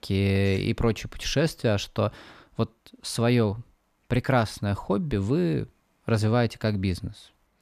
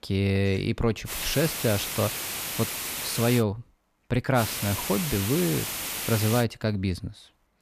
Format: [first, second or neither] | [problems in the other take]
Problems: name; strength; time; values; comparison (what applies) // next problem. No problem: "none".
first | hiss; loud; from 1 to 3.5 s and from 4.5 to 6.5 s; 3 dB below the speech